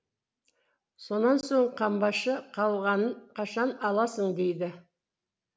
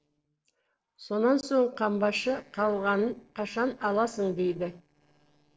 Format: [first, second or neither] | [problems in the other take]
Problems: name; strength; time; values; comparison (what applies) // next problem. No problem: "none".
first | noise reduction (neural separator model SepFormer DNS4)